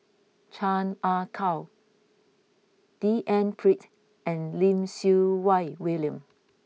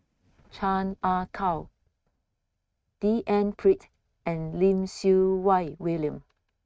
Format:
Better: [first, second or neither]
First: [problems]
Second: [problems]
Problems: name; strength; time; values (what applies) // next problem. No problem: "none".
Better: first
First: none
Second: noise reduction (neural mask model RNNoise)